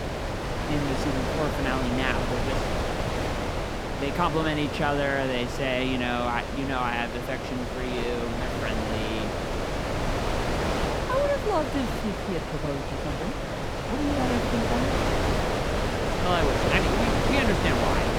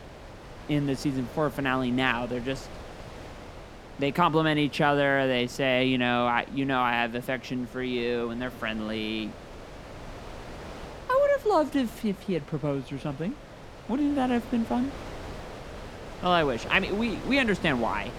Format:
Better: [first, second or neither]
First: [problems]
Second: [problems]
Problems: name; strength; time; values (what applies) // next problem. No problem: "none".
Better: second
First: wind noise on the microphone; heavy; as loud as the speech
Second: wind noise on the microphone; occasional gusts; 15 dB below the speech